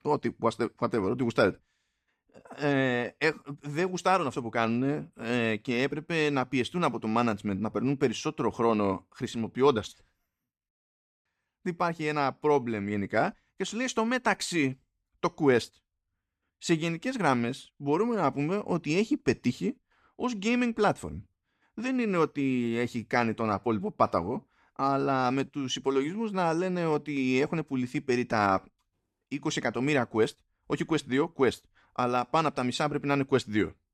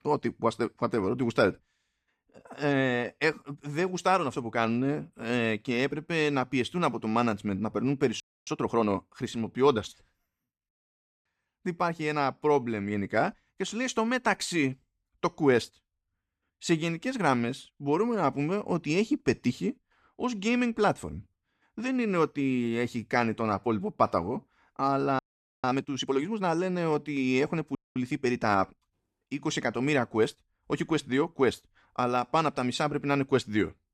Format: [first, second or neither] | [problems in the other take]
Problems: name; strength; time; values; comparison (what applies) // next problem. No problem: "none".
first | audio freezing; at 8 s, at 25 s and at 28 s